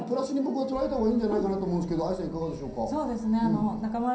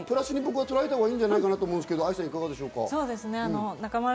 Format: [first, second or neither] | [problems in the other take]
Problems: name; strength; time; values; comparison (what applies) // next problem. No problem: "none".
second | background sound (Gull, seagull / Wind); 18 dB below the speech // room echo; dies away in 0.6 s